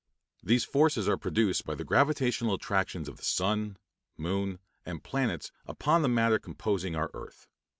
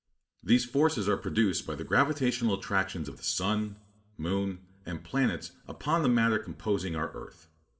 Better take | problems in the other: first | room echo; dies away in 0.4 s

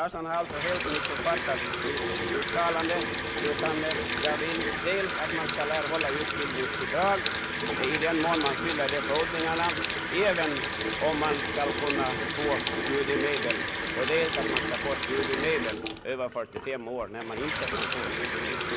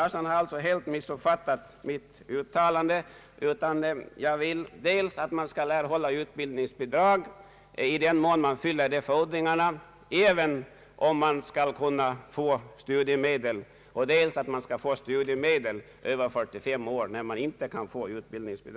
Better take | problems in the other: second | background sound (Sink (filling or washing) / Water tap, faucet); as loud as the speech

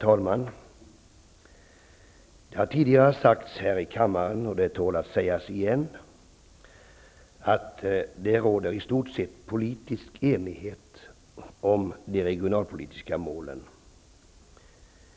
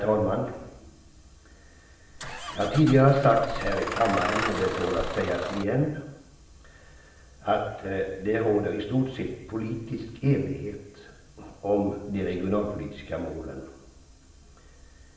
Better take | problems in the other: first | background sound (Engine starting / Bus); 5 dB below the speech // room echo; dies away in 0.8 s

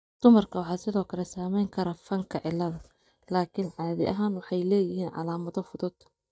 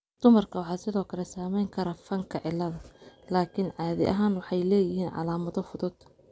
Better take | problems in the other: second | noise reduction (neural mask model DeepFilterNet 3)

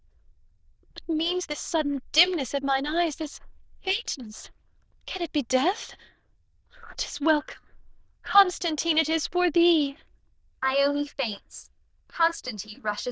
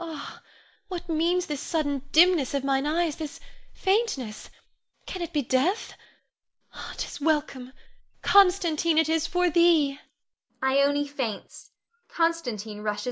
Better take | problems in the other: second | noise reduction (neural diffusion model UNIVERSE++)

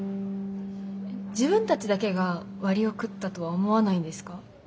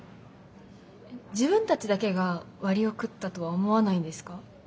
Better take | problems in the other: second | background sound (Bass guitar); 9 dB below the speech

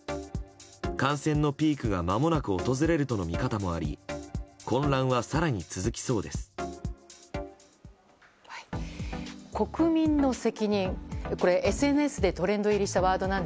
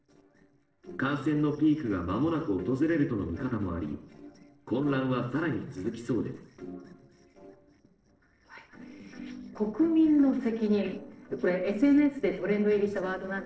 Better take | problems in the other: first | noise reduction (neural separator model SepFormer DNS4)

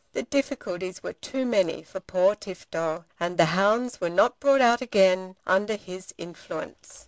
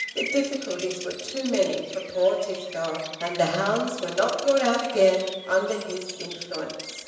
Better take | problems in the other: first | background sound (Bird vocalization, bird call, bird song); 12 dB below the speech // room echo; dies away in 1 s

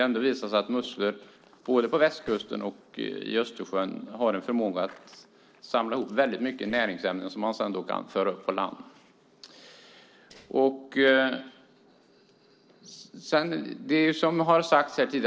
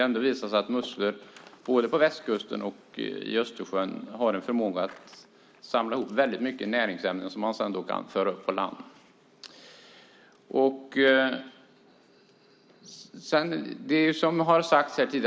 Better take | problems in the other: second | noise reduction (neural separator model SepFormer DNS4)

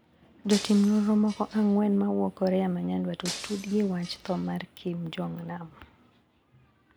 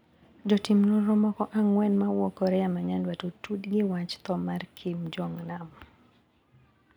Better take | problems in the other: second | background sound (Shatter); 13 dB below the speech

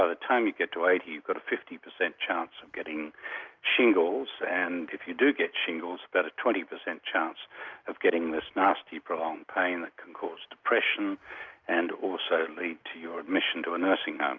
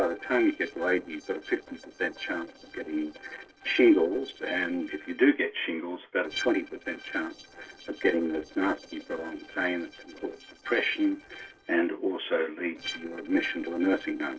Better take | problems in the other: first | noise reduction (neural separator model SepFormer DNS4)

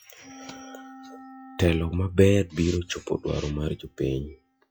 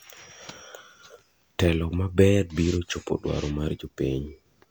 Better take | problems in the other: second | noise reduction (classical method log-MMSE)

